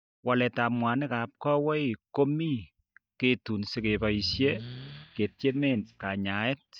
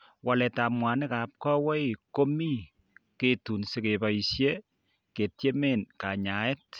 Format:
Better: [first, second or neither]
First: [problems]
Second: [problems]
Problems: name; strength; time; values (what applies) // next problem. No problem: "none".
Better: second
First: noise reduction (neural mask model DeepFilterNet 3)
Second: none